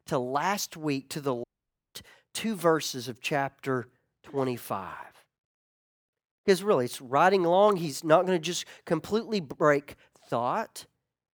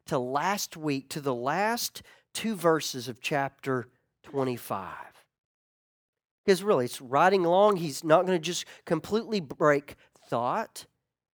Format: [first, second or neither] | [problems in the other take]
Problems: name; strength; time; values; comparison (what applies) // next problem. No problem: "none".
second | audio cutting out; at 1.5 s for 0.5 s